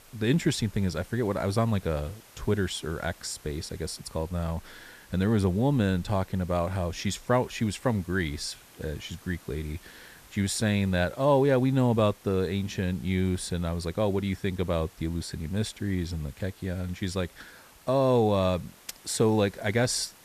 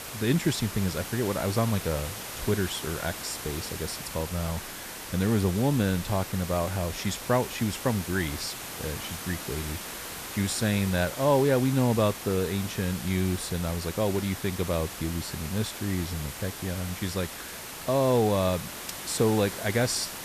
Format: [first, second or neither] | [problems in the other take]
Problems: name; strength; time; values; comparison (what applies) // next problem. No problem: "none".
first | hiss; loud; throughout; 8 dB below the speech; faint in the first